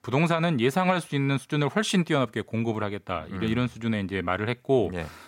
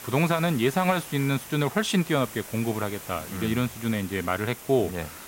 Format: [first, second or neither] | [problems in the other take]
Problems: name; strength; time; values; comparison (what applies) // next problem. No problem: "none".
first | hiss; noticeable; throughout; 15 dB below the speech